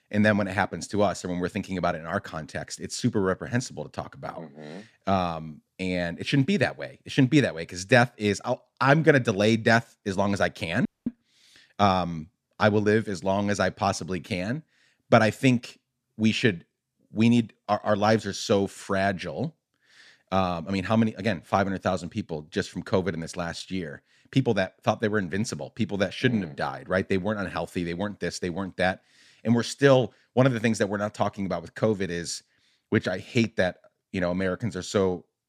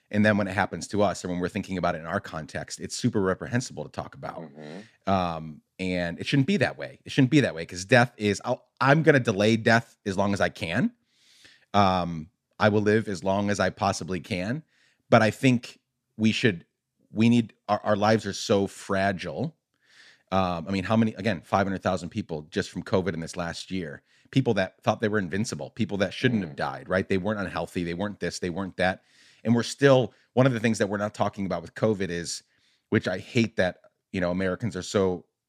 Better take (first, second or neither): second